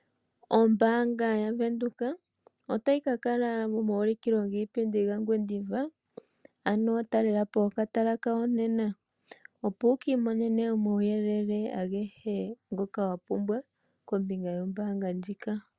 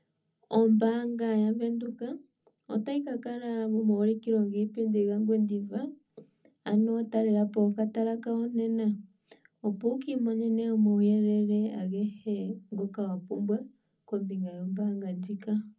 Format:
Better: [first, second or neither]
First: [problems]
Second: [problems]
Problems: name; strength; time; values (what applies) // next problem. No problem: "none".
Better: first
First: none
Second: room echo; dies away in 0.4 s